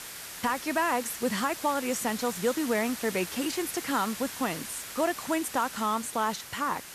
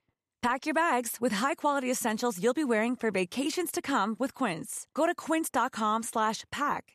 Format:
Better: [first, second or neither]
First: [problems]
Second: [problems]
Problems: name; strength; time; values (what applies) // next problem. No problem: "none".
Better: second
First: hiss; loud; throughout; 8 dB below the speech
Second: none